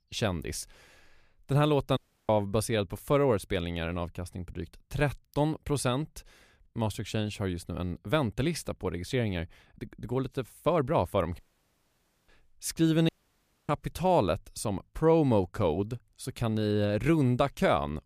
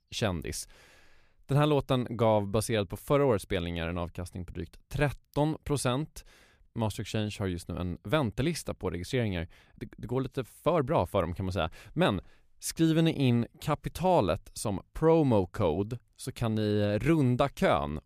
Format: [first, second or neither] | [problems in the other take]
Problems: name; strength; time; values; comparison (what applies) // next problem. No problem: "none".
second | audio cutting out; at 2 s, at 11 s for 1 s and at 13 s for 0.5 s